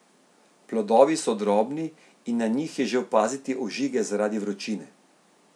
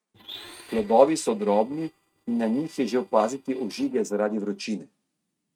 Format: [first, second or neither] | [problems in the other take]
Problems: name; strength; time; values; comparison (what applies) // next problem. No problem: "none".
first | noise reduction (neural mask model RNNoise)